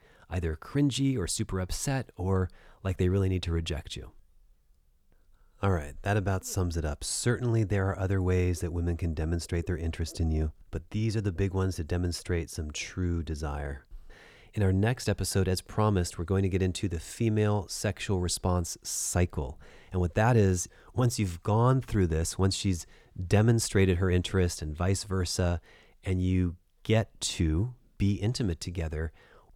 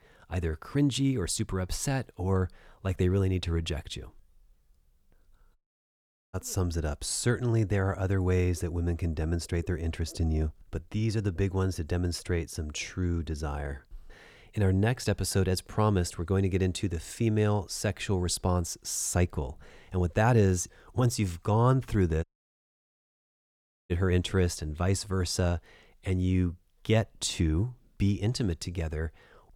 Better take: first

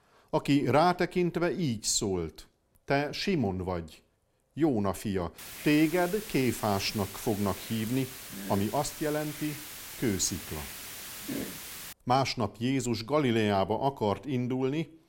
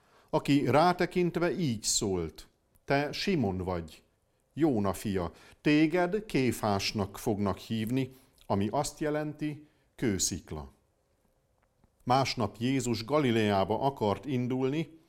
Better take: second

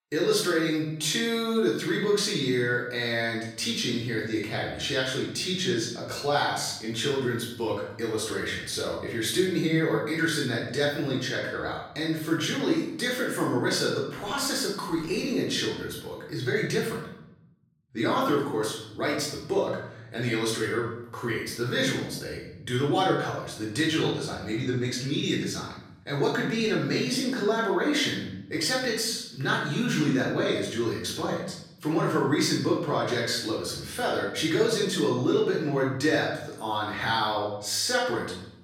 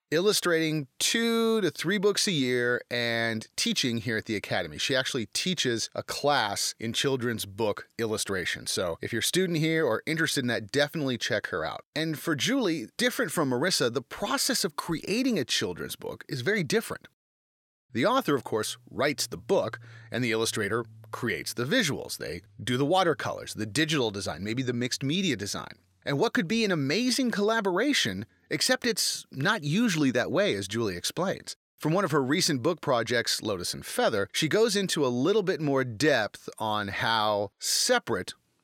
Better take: second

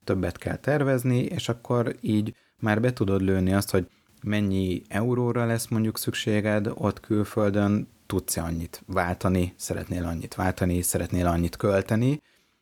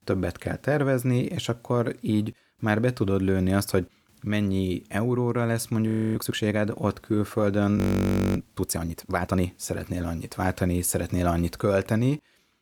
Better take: first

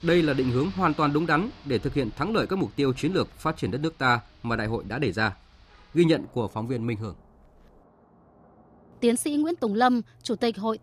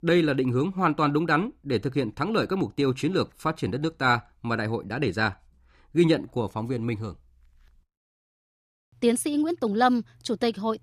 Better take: second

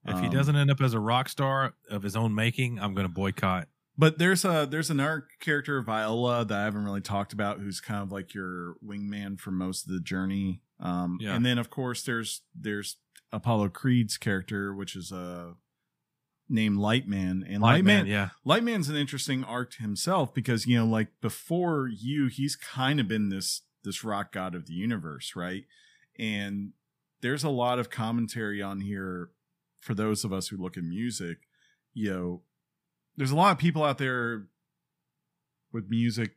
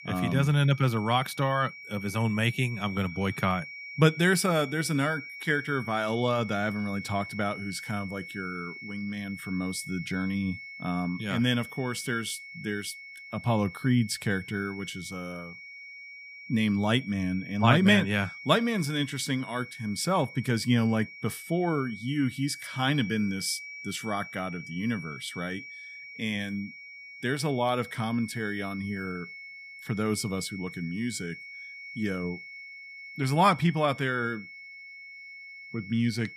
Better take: first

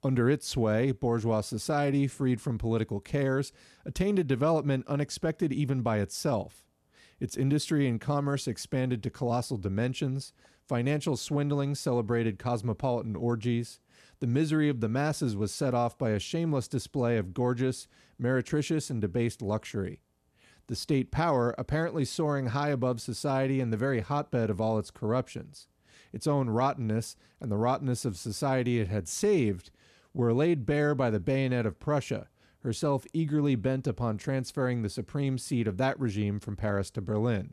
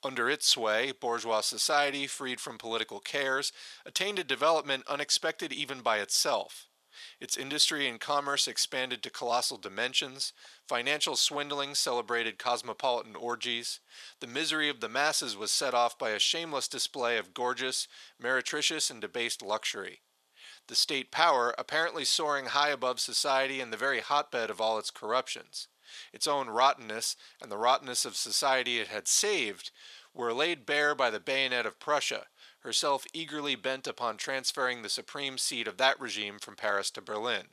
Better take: first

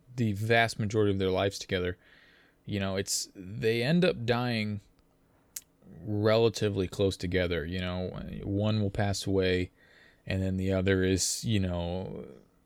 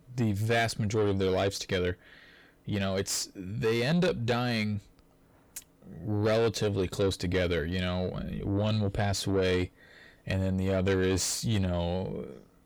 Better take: first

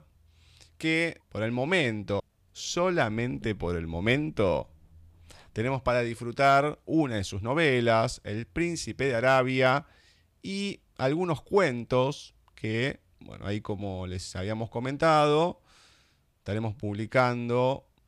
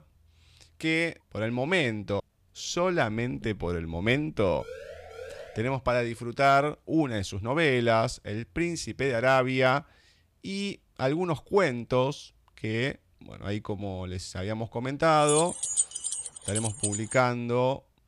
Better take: first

